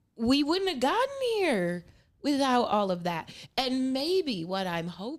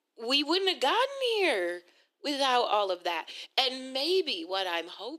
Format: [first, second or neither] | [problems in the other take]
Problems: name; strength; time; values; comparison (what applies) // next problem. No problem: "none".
first | thin; somewhat; fading below 350 Hz